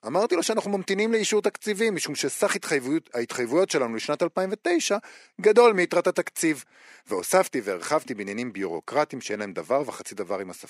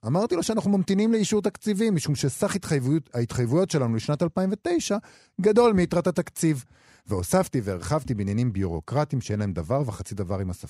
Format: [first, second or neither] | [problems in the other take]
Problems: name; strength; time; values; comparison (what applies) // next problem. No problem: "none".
second | thin; somewhat; fading below 300 Hz